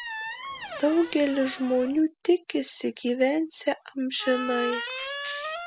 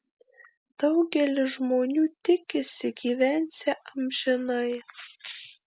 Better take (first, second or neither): second